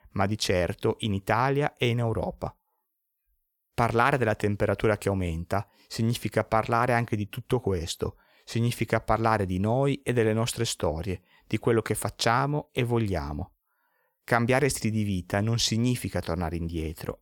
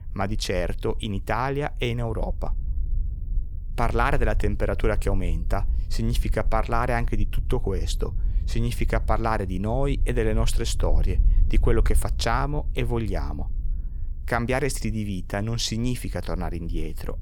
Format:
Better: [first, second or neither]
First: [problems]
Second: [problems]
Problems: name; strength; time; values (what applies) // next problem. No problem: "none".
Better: first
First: none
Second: low rumble; faint; throughout; 25 dB below the speech